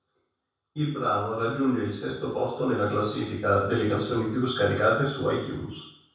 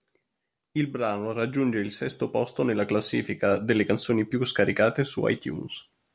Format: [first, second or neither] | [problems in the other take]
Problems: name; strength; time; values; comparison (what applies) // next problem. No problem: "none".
second | room echo; dies away in 0.7 s